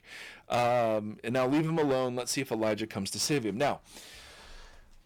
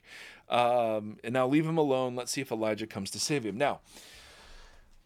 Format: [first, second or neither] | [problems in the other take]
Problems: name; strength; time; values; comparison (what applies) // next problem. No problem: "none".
second | distortion; slight; 9% of the sound clipped